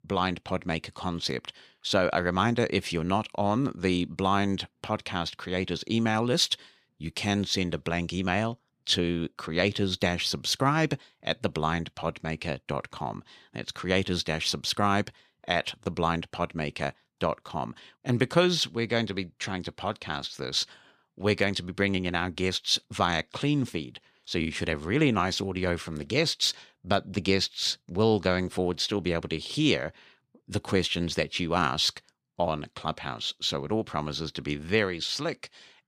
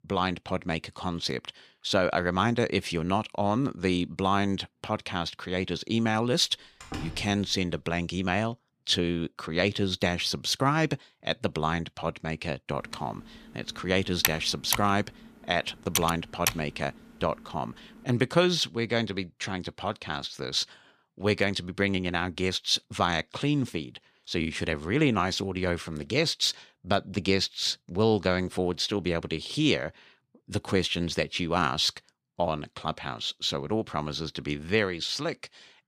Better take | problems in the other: first | door banging; noticeable; at 7 s; peak 10 dB below the speech // keyboard typing; loud; from 13 to 17 s; peak 1 dB above the speech

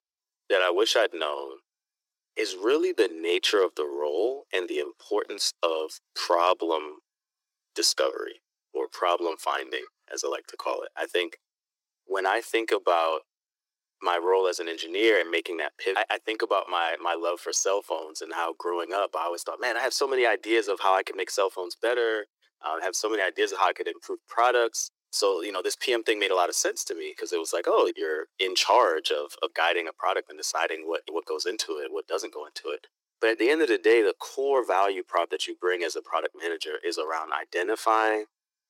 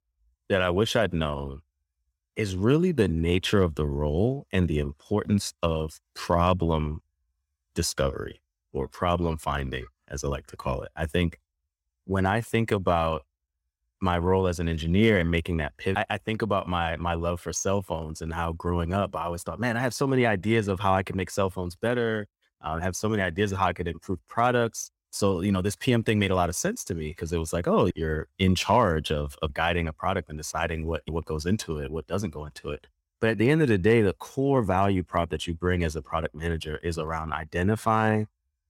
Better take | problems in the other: second | thin; very; fading below 350 Hz

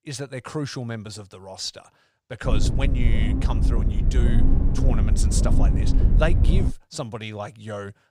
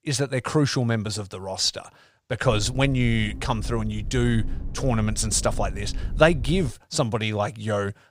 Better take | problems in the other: second | low rumble; loud; from 2.5 to 6.5 s; 3 dB below the speech; faint in the second

